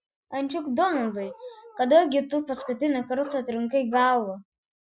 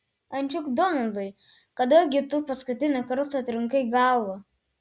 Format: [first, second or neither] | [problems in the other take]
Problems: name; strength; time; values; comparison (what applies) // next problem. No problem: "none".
second | noise reduction (classical method Wiener filter)